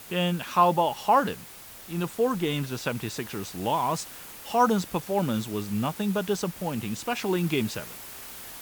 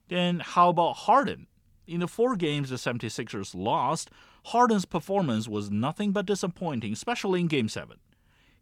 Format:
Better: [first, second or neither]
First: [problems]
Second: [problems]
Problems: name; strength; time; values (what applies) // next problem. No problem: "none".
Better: second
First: hiss; noticeable; throughout; 15 dB below the speech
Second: none